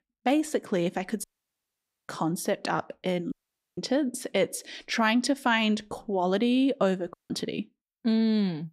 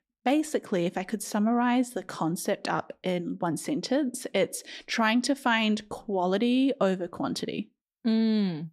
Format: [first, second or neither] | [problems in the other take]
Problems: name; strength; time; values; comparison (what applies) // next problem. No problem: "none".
second | audio cutting out; at 1 s for 1 s, at 3.5 s and at 7 s